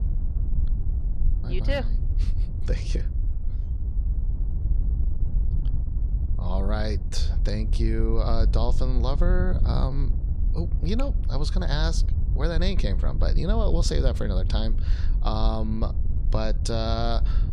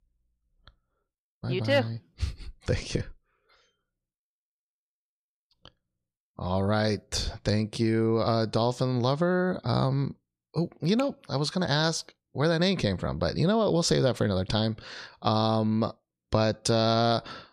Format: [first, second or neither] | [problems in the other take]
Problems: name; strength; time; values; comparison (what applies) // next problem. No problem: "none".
second | wind noise on the microphone; occasional gusts; 15 dB below the speech